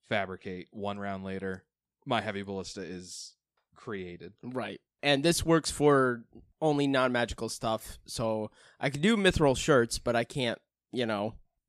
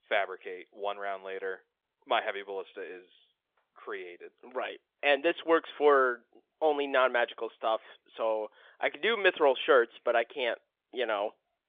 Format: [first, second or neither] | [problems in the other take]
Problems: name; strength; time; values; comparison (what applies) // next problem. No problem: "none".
first | phone-call audio; nothing above 3.5 kHz